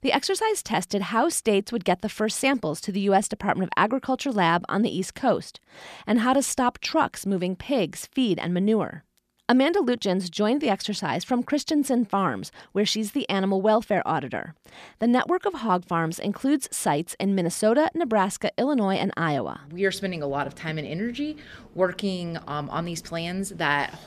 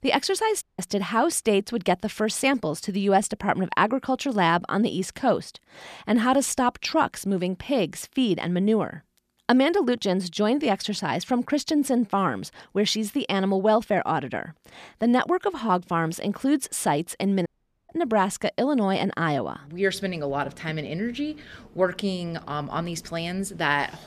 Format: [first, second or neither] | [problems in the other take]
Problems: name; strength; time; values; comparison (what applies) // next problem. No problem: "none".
first | audio cutting out; at 0.5 s and at 17 s